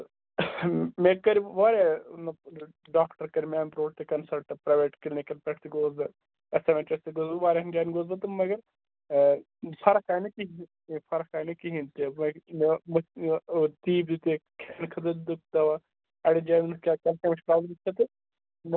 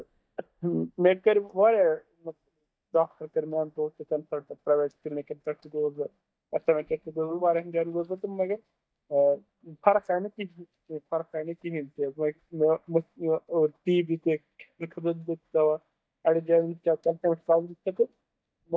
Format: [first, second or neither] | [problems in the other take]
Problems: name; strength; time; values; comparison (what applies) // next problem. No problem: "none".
first | noise reduction (neural mask model DeepFilterNet 3)